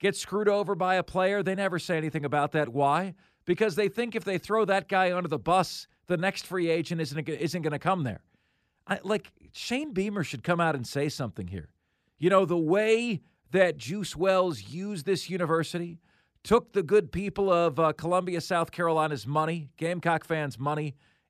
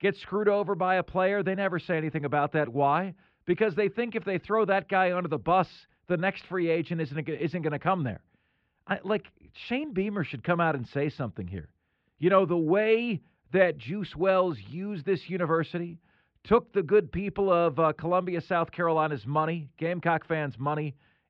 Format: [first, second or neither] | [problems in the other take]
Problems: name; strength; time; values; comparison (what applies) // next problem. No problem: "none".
first | muffled; very; fading above 3 kHz